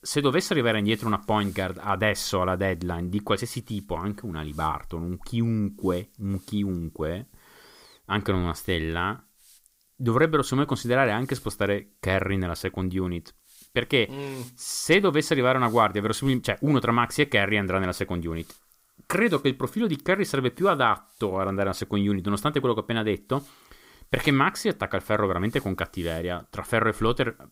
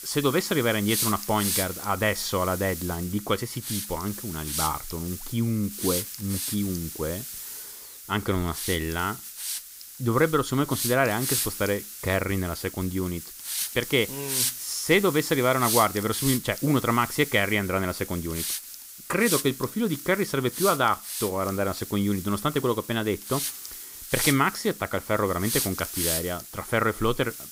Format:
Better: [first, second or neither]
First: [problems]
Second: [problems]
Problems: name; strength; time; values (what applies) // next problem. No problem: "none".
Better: first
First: hiss; faint; throughout; 30 dB below the speech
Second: hiss; loud; throughout; 5 dB below the speech